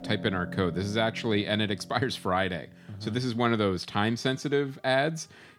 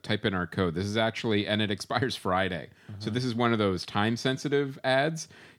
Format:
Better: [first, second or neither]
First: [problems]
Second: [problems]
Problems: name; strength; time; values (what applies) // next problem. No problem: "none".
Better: second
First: background music; noticeable; throughout; 15 dB below the speech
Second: none